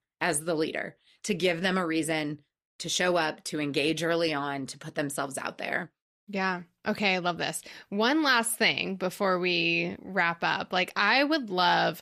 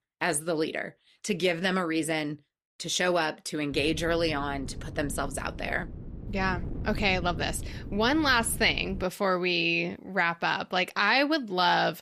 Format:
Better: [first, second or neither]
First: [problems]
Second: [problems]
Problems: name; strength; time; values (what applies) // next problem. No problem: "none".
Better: first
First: none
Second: wind noise on the microphone; occasional gusts; from 3.5 to 9 s; 20 dB below the speech